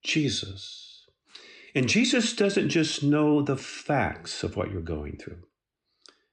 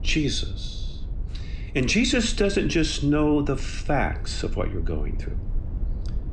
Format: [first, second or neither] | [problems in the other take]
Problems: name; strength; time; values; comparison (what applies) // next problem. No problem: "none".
first | low rumble; faint; throughout; 25 dB below the speech